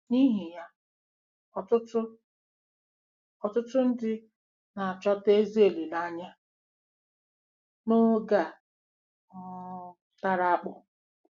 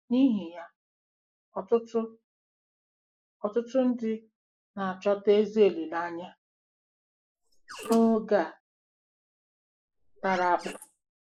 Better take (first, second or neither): first